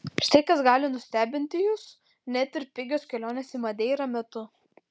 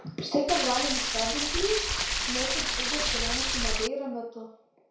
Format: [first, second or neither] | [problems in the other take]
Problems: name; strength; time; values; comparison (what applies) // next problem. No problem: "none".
first | background sound (Stream); 4 dB above the speech // room echo; dies away in 0.6 s